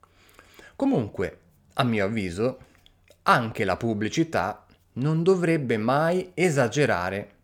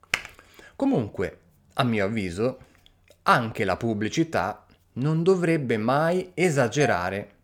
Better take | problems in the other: first | keyboard typing; noticeable; at the start; peak 4 dB below the speech // doorbell; noticeable; at 7 s; peak 8 dB below the speech

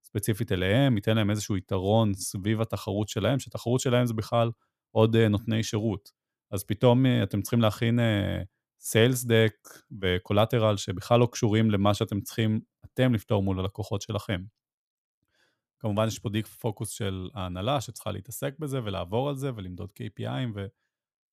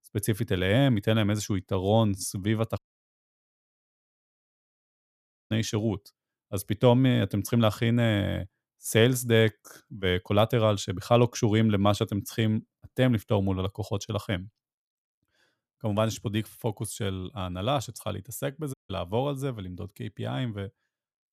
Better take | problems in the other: first | audio cutting out; at 3 s for 2.5 s and at 19 s

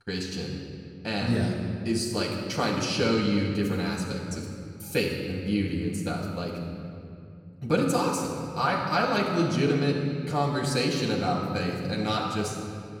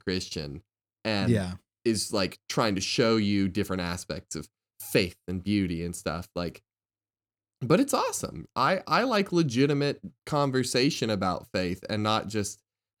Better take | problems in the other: second | off-mic speech; far // room echo; noticeable; dies away in 2.4 s

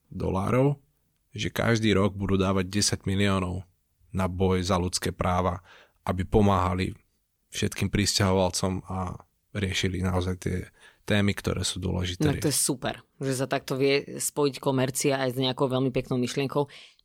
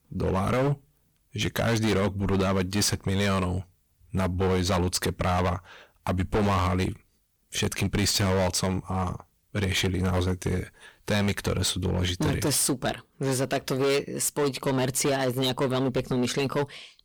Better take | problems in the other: first | distortion; heavy; 17% of the sound clipped

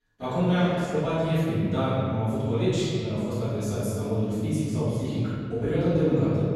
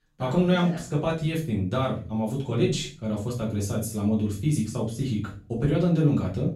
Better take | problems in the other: second | room echo; strong; dies away in 2.2 s; slight in the second // off-mic speech; far; far in the second

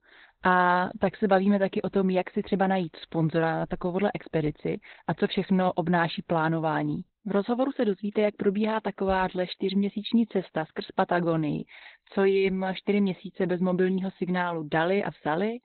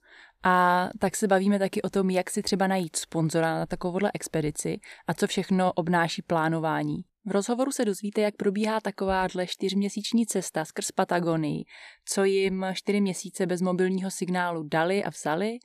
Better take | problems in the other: second | garbled, watery; badly; nothing above 4 kHz

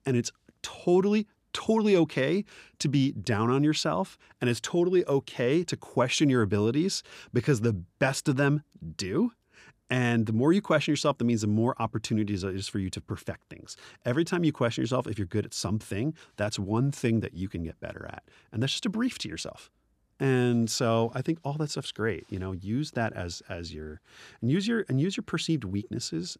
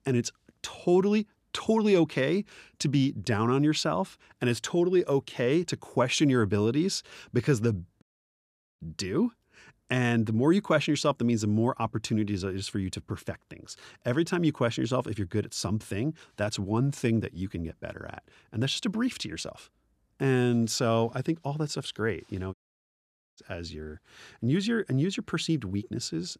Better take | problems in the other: first | audio cutting out; at 8 s for 1 s and at 23 s for 1 s

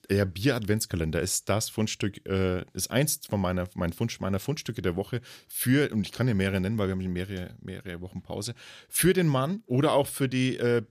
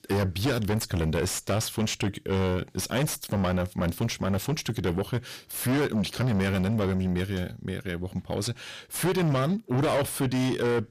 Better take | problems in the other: first | distortion; heavy; 6 dB below the speech

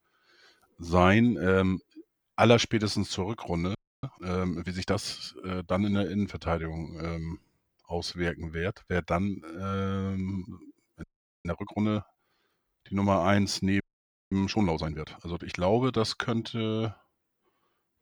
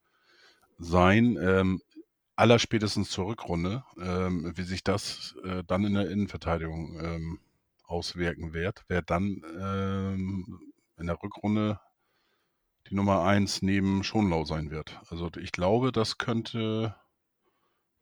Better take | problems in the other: second | audio freezing; at 4 s, at 11 s and at 14 s for 0.5 s

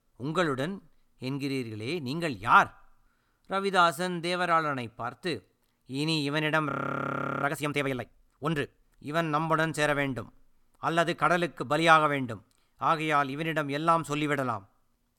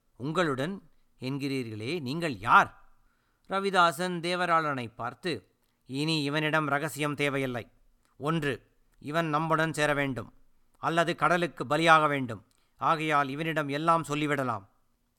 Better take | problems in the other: second | audio freezing; at 6.5 s for 0.5 s

